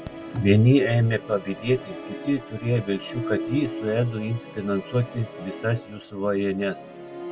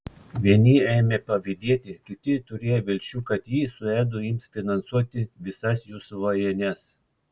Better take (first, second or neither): second